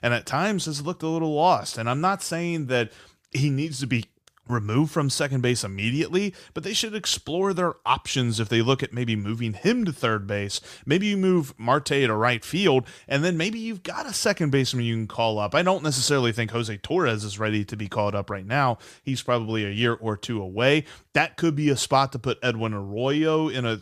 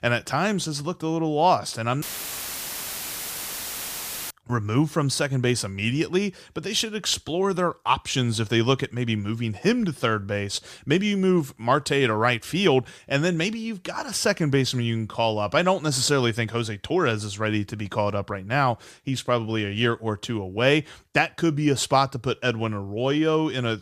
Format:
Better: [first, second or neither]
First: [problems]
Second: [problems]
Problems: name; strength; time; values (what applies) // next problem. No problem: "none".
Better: first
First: none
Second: audio cutting out; filled with static; at 2 s for 2.5 s